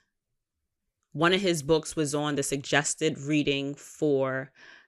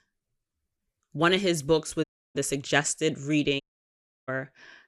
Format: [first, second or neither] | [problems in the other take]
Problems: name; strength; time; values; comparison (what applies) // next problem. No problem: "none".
first | audio cutting out; at 2 s and at 3.5 s for 0.5 s